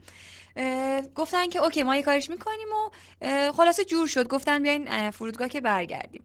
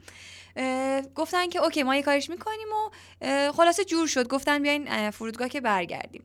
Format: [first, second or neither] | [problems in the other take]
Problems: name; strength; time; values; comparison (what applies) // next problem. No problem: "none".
second | garbled, watery; slightly